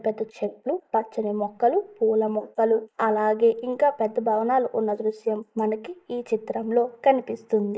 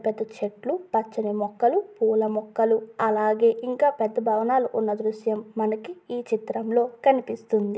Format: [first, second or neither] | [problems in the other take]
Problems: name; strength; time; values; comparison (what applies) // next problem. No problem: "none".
second | noise reduction (neural mask model Resemble Enhance denoiser)